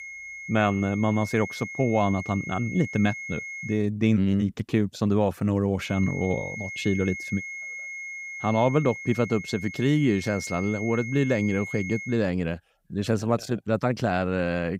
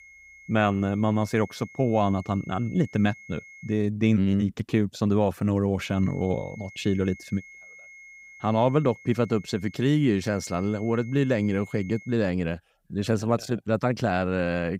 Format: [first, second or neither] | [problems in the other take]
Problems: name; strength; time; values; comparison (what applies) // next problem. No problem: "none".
second | high-pitched whine; loud; until 3.5 s and from 6 to 12 s; 2 kHz, 9 dB below the speech; faint in the second